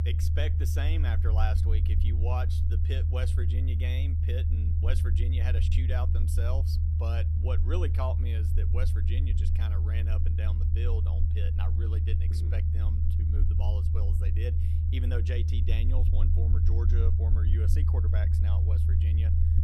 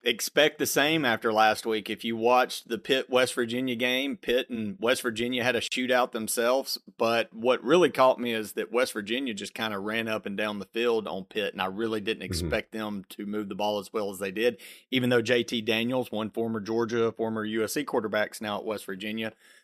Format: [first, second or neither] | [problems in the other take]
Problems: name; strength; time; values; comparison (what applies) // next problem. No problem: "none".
second | low rumble; loud; throughout; 2 dB below the speech